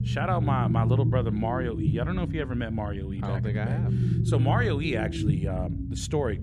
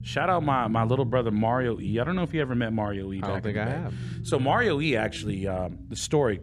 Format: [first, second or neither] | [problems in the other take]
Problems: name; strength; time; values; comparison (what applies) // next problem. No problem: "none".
second | low rumble; loud; throughout; 7 dB below the speech; faint in the second